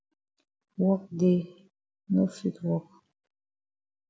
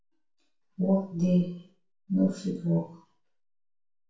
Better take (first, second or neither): first